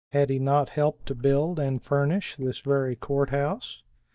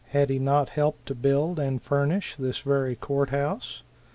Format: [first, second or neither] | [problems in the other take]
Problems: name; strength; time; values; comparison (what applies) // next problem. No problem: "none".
second | noise reduction (neural mask model DeepFilterNet 3)